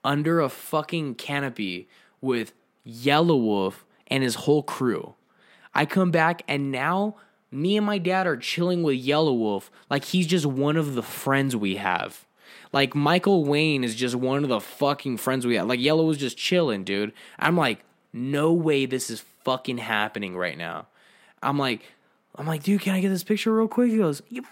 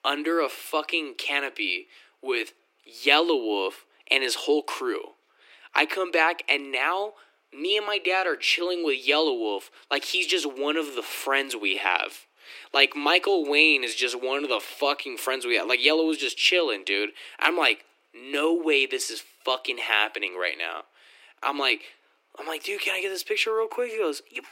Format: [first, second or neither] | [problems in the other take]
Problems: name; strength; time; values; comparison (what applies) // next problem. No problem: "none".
first | thin; somewhat; fading below 300 Hz